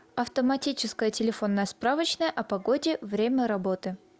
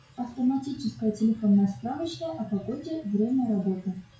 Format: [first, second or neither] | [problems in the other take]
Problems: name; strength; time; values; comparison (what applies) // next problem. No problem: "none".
first | noise reduction (classical method WPE with log-MMSE)